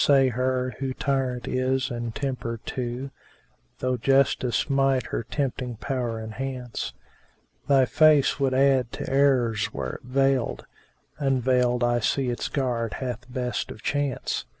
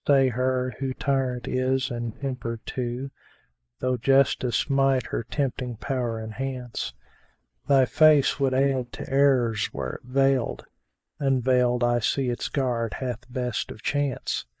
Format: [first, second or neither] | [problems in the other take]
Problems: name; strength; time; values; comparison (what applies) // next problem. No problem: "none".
first | noise reduction (neural mask model DeepFilterNet 3)